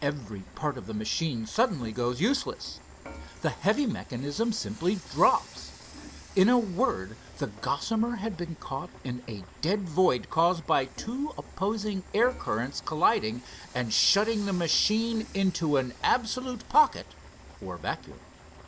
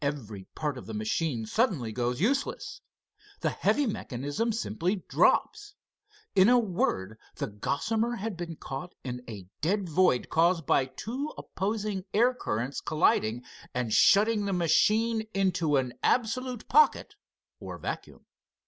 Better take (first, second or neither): second